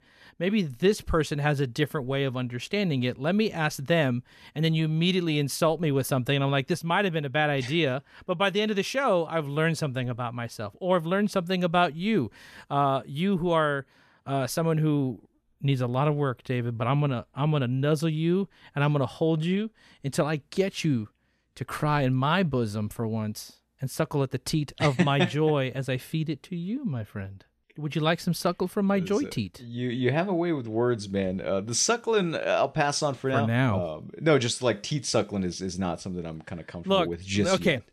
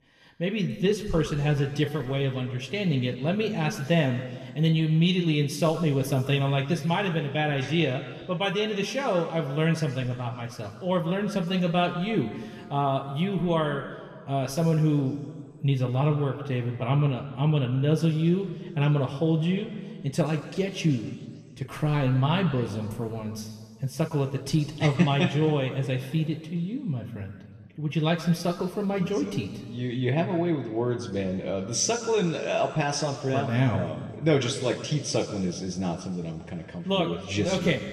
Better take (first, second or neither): first